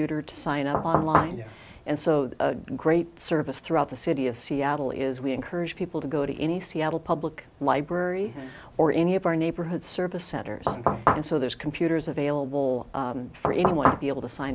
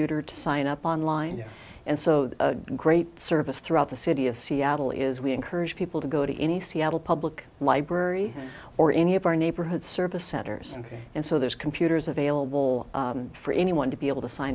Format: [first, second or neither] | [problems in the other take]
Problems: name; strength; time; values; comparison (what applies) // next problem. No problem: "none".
second | background sound (Knock / Wood); 3 dB above the speech